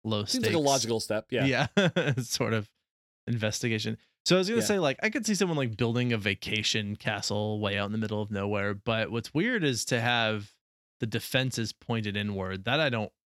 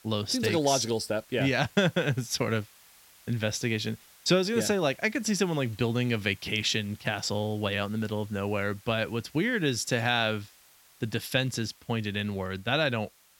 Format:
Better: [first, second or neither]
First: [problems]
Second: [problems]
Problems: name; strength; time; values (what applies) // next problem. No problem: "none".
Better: first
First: none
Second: hiss; faint; throughout; 25 dB below the speech